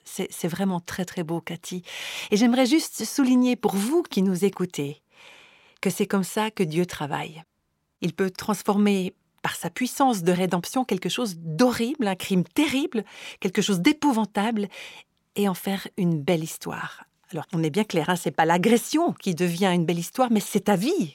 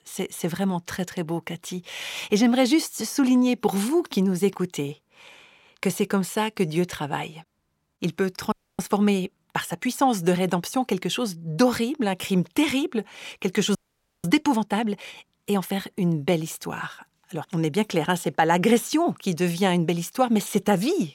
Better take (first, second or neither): first